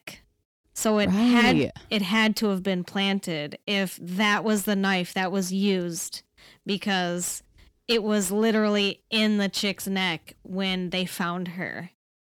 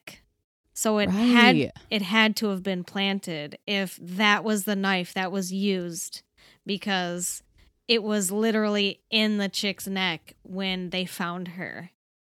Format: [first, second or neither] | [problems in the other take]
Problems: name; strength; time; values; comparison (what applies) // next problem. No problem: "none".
second | distortion; slight; 10 dB below the speech